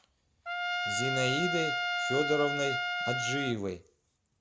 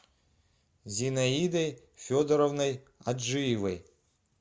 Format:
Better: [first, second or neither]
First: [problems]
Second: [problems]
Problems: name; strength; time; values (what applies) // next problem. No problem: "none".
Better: second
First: background sound (Trumpet); 1 dB above the speech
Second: none